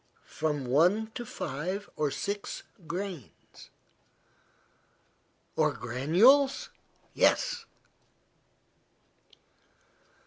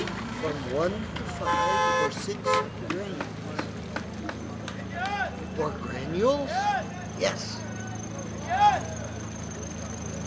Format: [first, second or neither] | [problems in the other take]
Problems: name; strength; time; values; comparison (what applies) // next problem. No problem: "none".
first | background sound (Motor vehicle (road)); 5 dB above the speech